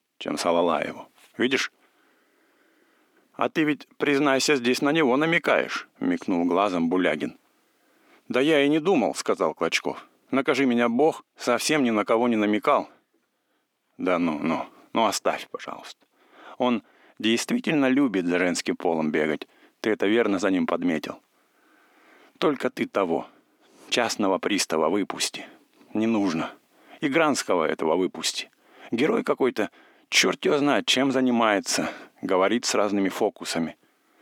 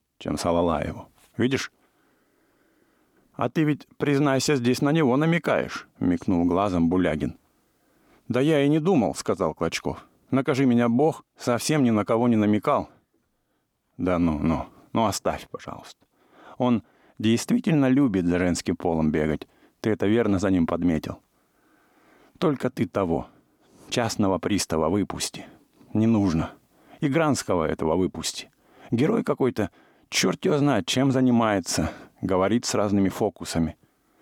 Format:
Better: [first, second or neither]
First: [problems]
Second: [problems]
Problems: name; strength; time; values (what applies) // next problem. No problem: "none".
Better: second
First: thin; very slightly; fading below 300 Hz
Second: none